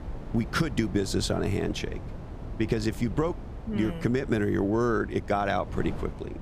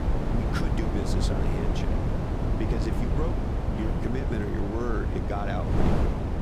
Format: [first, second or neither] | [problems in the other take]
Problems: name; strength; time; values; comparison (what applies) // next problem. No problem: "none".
first | wind noise on the microphone; heavy; 2 dB above the speech; occasional gusts in the first